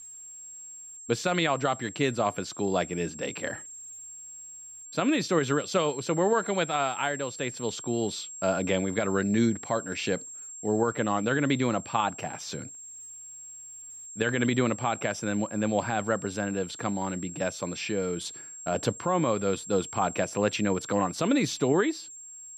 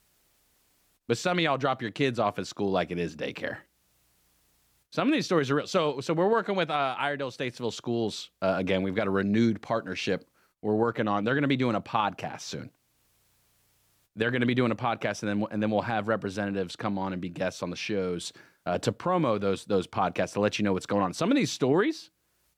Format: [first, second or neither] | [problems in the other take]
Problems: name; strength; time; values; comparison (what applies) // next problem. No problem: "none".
second | high-pitched whine; noticeable; throughout; 7.5 kHz, 10 dB below the speech